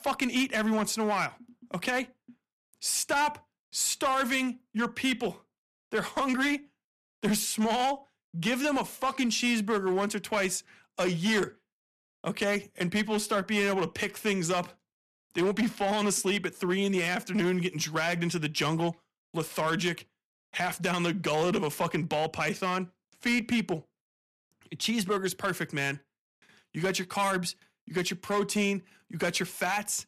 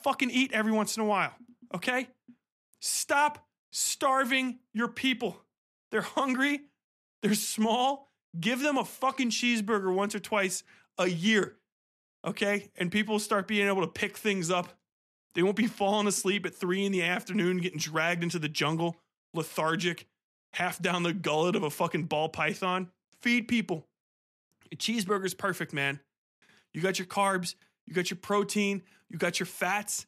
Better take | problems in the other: second | distortion; slight; 7% of the sound clipped

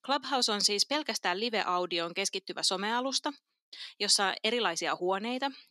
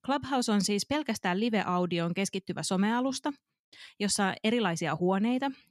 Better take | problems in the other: second | thin; somewhat; fading below 300 Hz

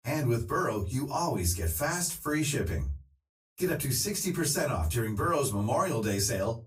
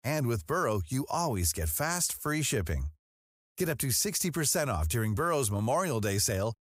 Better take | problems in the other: second | off-mic speech; far // room echo; very slight; dies away in 0.2 s

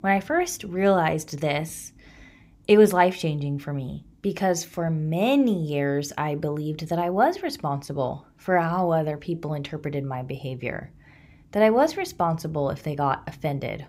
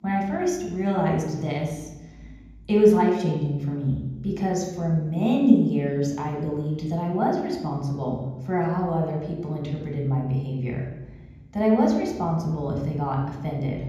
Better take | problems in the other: first | room echo; noticeable; dies away in 1.4 s // off-mic speech; far

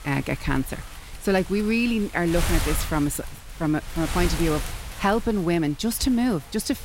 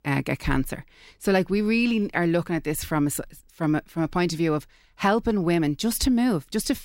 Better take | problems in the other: second | wind noise on the microphone; heavy; 9 dB below the speech

